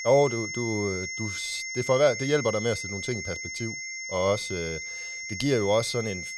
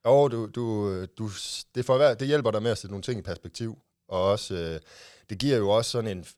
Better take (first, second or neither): second